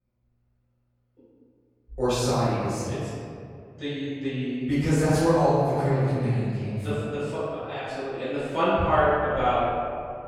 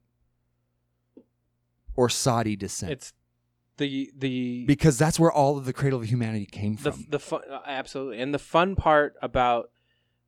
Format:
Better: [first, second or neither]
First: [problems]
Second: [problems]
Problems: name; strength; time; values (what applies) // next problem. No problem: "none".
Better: second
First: off-mic speech; far // room echo; strong; dies away in 2.2 s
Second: none